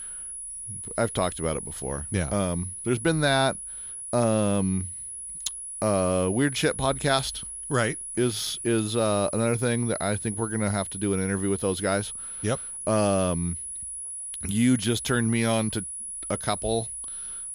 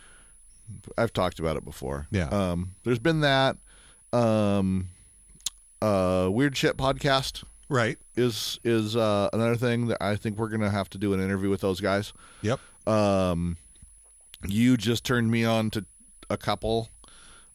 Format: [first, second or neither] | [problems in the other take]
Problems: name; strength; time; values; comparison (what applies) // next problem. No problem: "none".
second | high-pitched whine; loud; throughout; 10.5 kHz, 7 dB below the speech; faint in the second